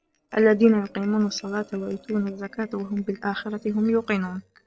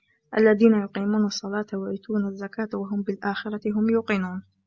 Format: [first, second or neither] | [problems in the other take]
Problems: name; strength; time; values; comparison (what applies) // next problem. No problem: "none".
second | noise reduction (neural separator model SepFormer DNS4)